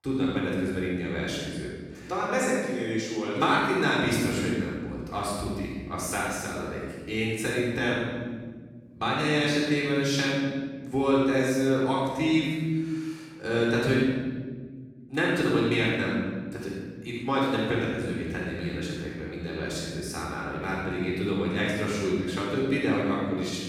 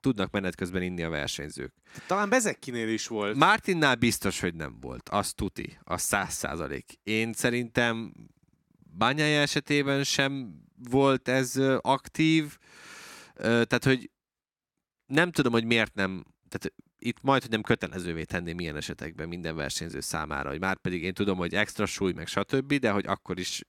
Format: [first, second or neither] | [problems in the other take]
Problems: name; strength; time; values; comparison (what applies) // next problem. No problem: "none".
second | off-mic speech; far // room echo; strong; dies away in 1.7 s